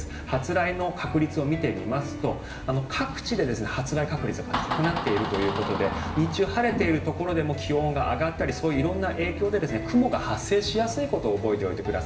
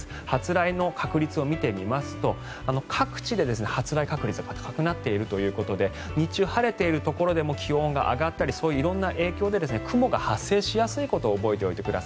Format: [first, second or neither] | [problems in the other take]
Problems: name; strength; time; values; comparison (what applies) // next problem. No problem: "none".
second | background sound (Door); 10 dB below the speech // room echo; dies away in 0.9 s